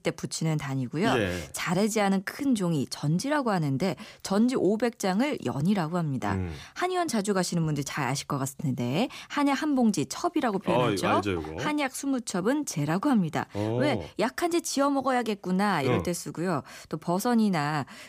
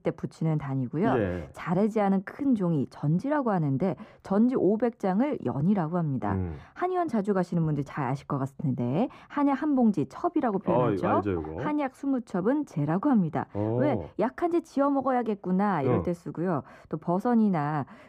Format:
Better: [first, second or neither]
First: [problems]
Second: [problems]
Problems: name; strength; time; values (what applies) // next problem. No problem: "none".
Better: first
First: none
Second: muffled; very; fading above 2.5 kHz